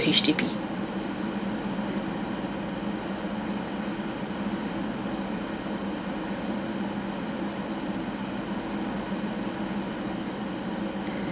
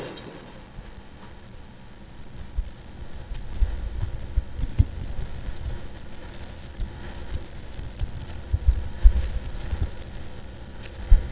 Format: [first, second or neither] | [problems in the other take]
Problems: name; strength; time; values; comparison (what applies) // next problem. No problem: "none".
first | noise reduction (neural mask model DeepFilterNet 3)